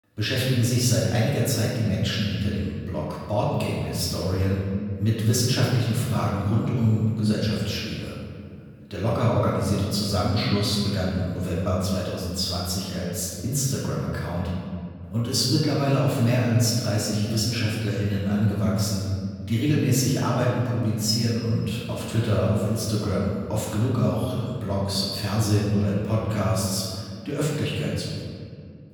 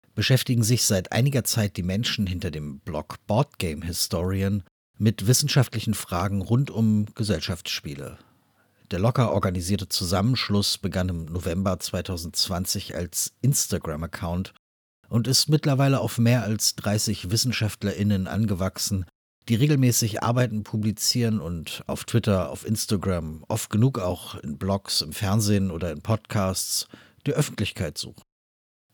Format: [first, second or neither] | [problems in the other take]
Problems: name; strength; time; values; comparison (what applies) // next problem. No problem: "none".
second | room echo; noticeable; dies away in 2.1 s // off-mic speech; far